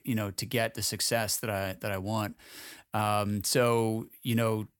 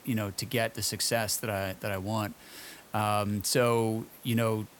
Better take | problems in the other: first | hiss; faint; throughout; 25 dB below the speech

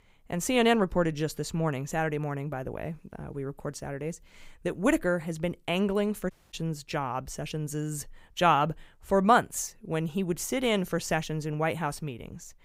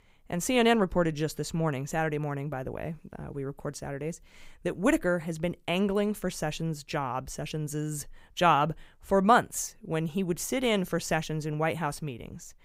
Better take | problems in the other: second | audio cutting out; at 6.5 s

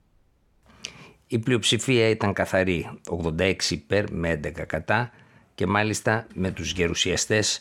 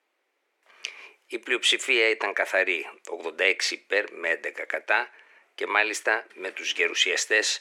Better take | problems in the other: first | thin; very; fading below 350 Hz

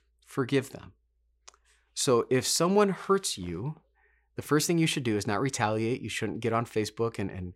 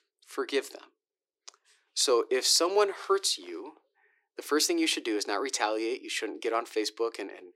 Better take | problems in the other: first | thin; somewhat; fading below 300 Hz

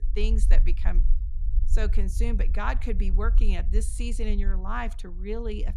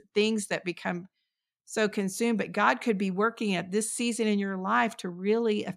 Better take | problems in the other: second | low rumble; noticeable; throughout; 15 dB below the speech

